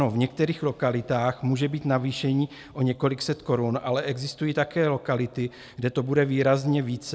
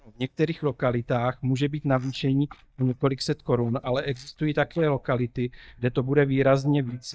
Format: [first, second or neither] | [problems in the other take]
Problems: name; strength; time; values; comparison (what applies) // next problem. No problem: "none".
first | noise reduction (neural mask model DeepFilterNet 3)